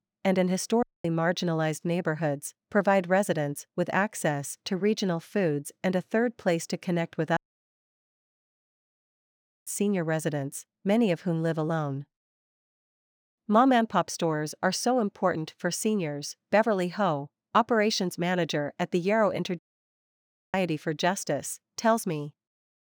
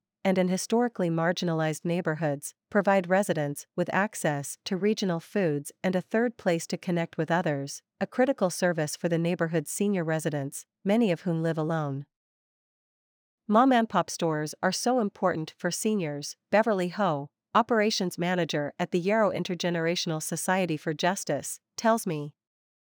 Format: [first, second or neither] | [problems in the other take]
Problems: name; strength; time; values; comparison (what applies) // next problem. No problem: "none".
second | audio cutting out; at 1 s, at 7.5 s for 2.5 s and at 20 s for 1 s